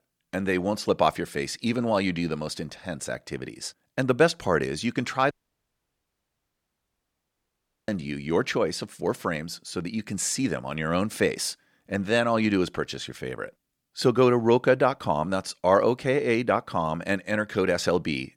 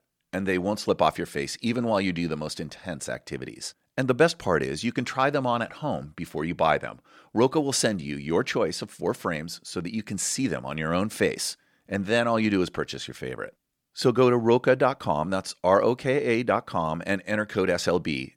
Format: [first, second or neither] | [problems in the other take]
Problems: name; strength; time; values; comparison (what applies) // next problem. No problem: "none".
second | audio cutting out; at 5.5 s for 2.5 s